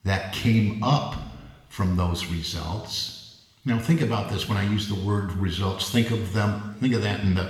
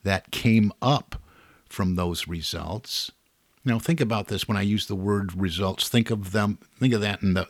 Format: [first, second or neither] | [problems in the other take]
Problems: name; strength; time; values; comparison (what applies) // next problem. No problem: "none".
second | room echo; noticeable; dies away in 1 s // off-mic speech; somewhat distant